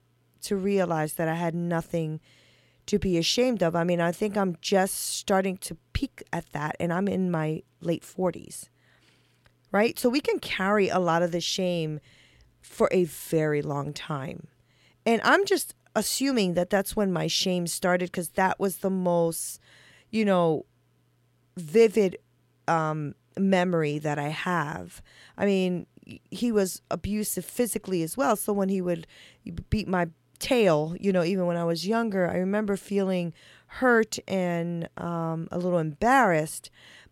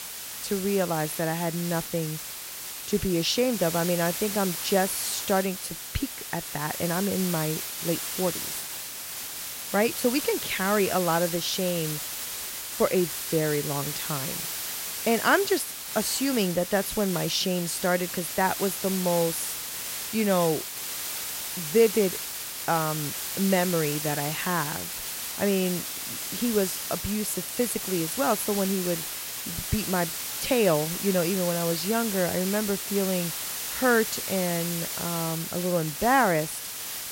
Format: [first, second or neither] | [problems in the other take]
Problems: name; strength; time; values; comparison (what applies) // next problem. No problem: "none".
first | hiss; loud; throughout; 4 dB below the speech